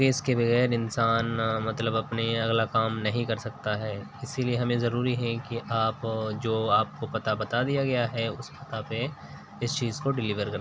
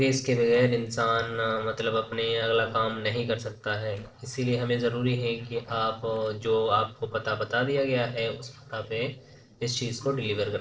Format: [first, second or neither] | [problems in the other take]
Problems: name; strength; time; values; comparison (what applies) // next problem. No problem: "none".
first | noise reduction (neural separator model SepFormer DNS4)